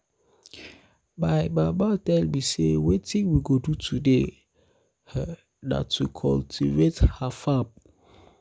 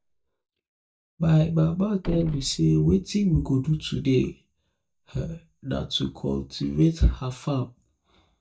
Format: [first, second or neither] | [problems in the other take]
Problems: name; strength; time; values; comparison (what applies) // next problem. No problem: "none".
first | noise reduction (neural mask model DeepFilterNet 3)